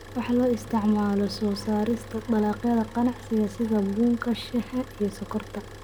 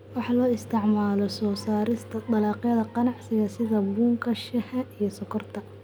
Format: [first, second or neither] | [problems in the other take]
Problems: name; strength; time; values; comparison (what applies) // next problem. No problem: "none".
second | background sound (Idling / Car); 19 dB below the speech